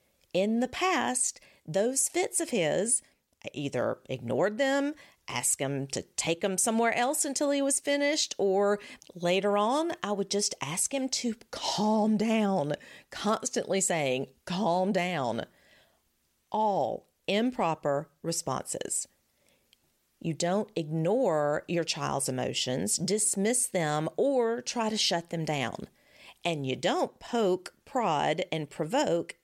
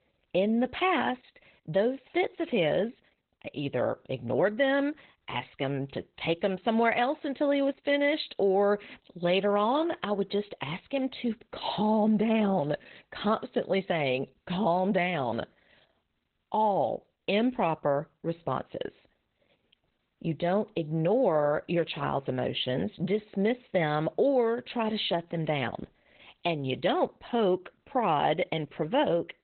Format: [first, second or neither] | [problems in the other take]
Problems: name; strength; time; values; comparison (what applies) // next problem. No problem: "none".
first | garbled, watery; badly; nothing above 4 kHz